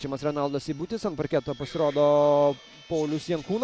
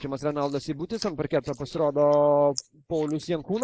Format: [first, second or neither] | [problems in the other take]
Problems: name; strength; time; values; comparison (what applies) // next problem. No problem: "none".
first | noise reduction (neural mask model Resemble Enhance denoiser)